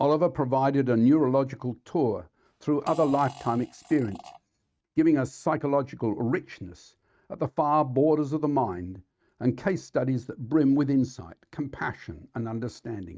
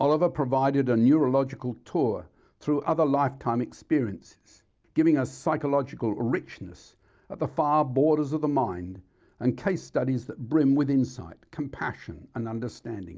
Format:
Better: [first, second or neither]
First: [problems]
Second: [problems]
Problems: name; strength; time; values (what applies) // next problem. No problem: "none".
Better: second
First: noise reduction (neural mask model RNNoise)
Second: none